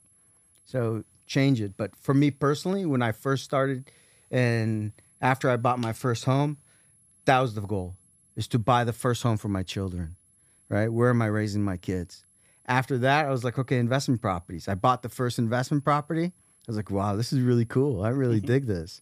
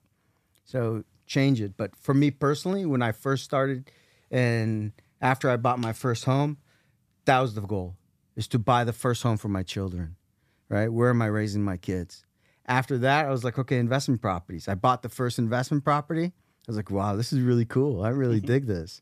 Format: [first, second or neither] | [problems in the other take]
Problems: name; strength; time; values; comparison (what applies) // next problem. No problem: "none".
second | high-pitched whine; faint; throughout; 11 kHz, 35 dB below the speech